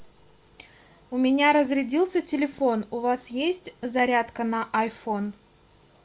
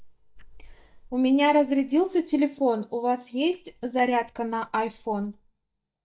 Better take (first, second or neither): first